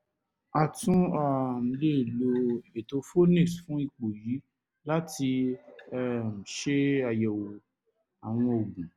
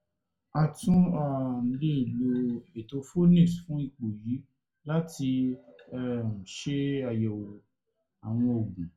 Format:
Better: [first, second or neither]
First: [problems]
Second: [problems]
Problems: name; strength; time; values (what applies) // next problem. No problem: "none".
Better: first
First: none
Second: room echo; dies away in 0.2 s